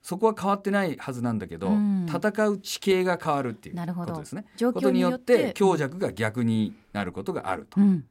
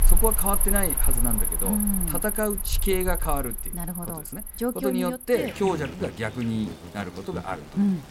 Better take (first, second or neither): first